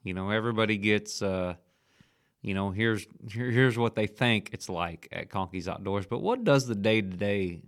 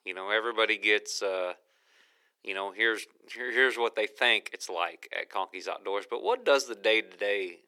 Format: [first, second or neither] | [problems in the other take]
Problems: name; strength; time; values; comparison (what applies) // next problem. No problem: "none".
first | thin; very; fading below 400 Hz